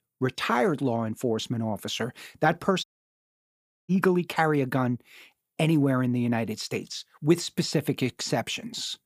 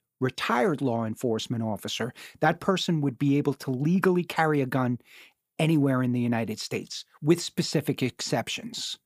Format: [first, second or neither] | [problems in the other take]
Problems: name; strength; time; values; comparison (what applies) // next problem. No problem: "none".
second | audio cutting out; at 3 s for 1 s